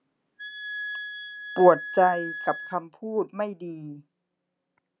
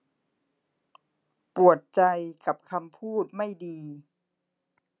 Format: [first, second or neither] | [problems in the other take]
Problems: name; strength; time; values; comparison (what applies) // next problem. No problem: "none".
second | background sound (Wind instrument, woodwind instrument); 10 dB below the speech